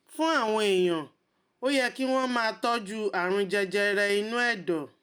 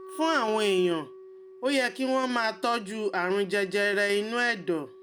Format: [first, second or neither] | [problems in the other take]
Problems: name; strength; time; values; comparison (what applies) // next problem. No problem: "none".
first | background sound (Wind instrument, woodwind instrument); 18 dB below the speech